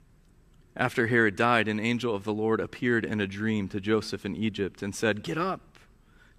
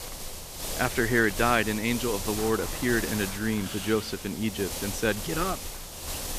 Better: first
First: none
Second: hiss; loud; throughout; 6 dB below the speech

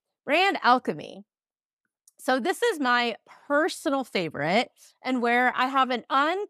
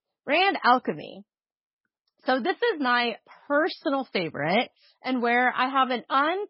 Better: first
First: none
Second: garbled, watery; badly; nothing above 5 kHz

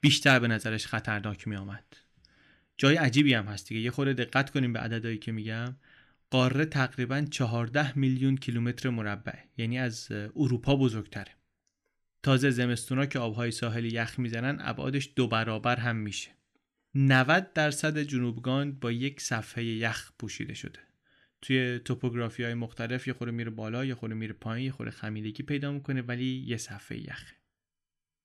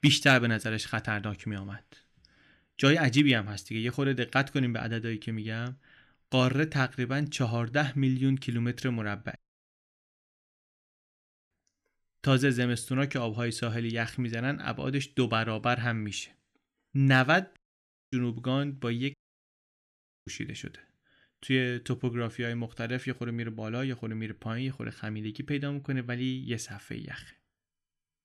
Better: first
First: none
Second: audio cutting out; at 9.5 s for 2 s, at 18 s for 0.5 s and at 19 s for 1 s

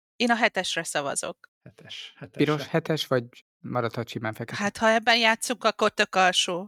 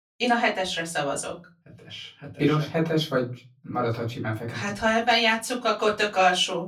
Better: first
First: none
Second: off-mic speech; far // room echo; very slight; dies away in 0.3 s

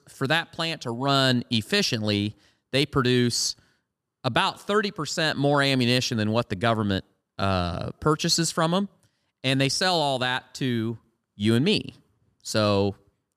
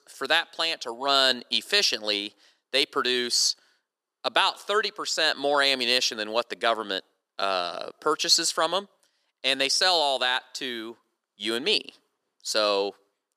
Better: first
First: none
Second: thin; very; fading below 400 Hz

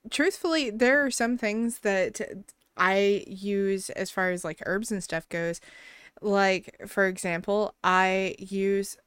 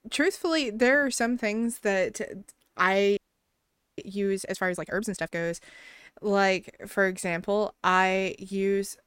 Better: first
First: none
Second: audio freezing; at 3 s for 1 s

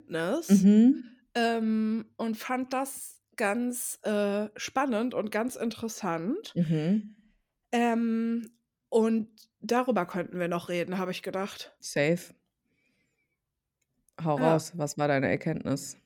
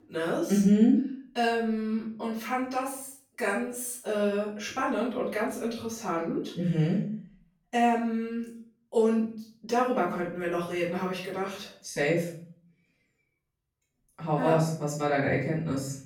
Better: first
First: none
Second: off-mic speech; far // room echo; noticeable; dies away in 0.4 s

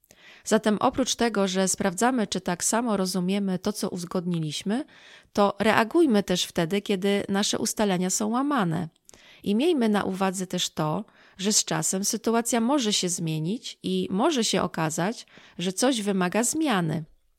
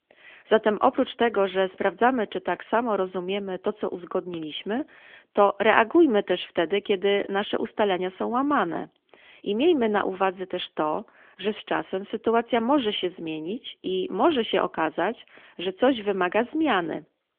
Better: first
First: none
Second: phone-call audio; nothing above 3.5 kHz

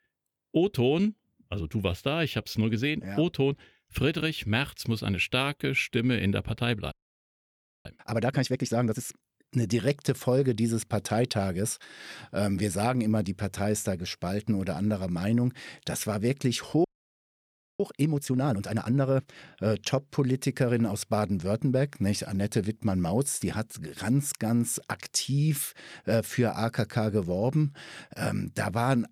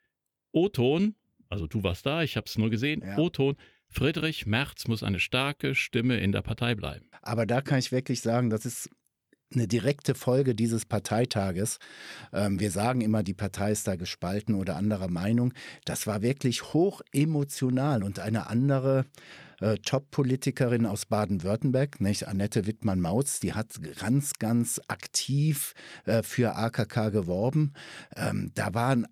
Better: second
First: audio freezing; at 7 s for 1 s and at 17 s for 1 s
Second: none

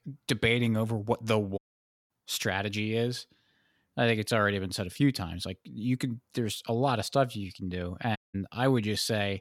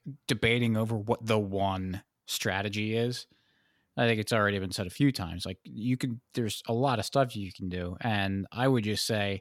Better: second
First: audio cutting out; at 1.5 s for 0.5 s and at 8 s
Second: none

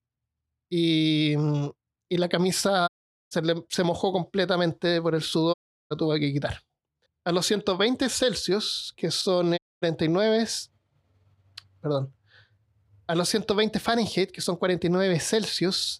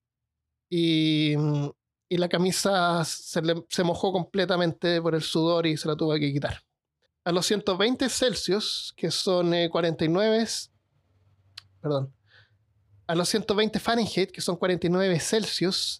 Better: second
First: audio cutting out; at 3 s, at 5.5 s and at 9.5 s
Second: none

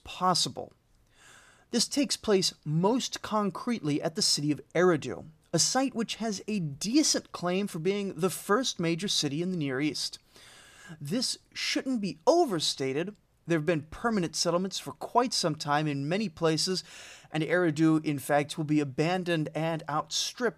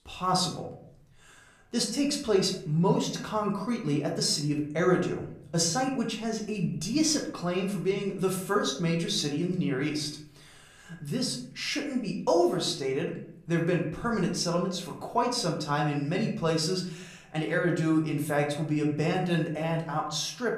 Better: first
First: none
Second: room echo; slight; dies away in 0.6 s // off-mic speech; somewhat distant

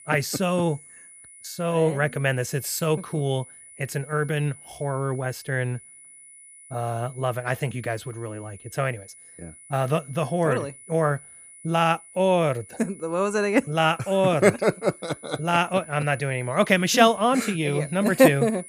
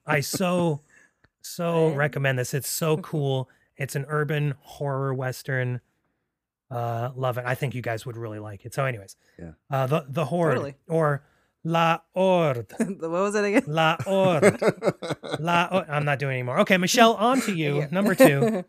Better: second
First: high-pitched whine; noticeable; throughout; 10 kHz, 20 dB below the speech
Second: none

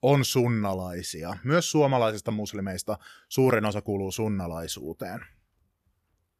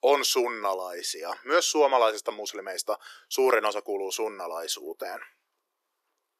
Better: first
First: none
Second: thin; very; fading below 350 Hz

